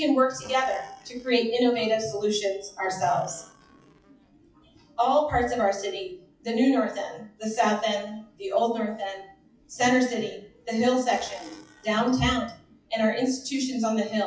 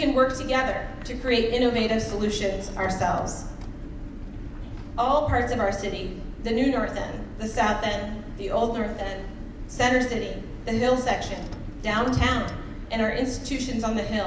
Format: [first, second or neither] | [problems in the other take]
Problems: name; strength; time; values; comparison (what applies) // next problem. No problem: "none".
second | noise reduction (classical method WPE with log-MMSE)